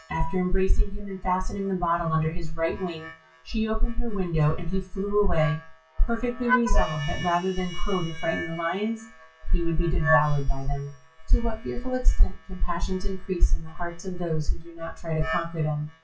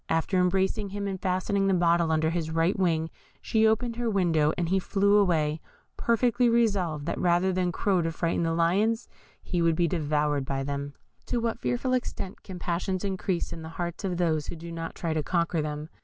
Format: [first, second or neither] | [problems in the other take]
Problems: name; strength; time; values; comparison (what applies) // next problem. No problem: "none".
second | noise reduction (classical method WPE with log-MMSE)